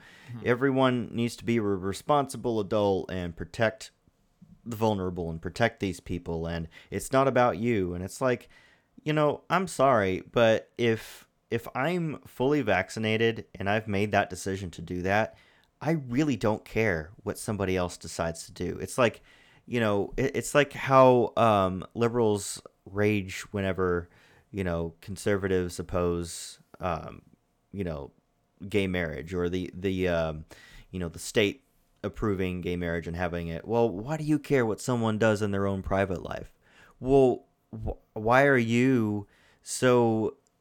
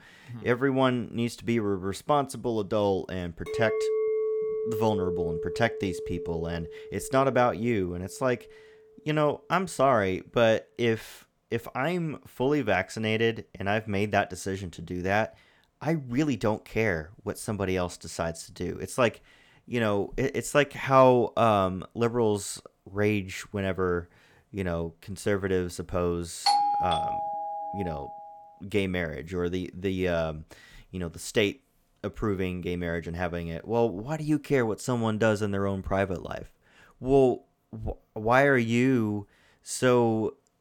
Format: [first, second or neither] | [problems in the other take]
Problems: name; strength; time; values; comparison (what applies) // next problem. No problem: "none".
first | clattering dishes; loud; from 3.5 to 7.5 s; peak 1 dB above the speech // doorbell; loud; from 26 to 28 s; peak 4 dB above the speech